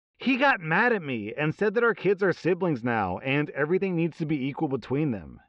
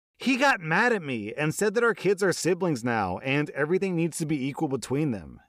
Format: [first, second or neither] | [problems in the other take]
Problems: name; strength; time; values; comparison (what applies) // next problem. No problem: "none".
second | muffled; slightly; fading above 3.5 kHz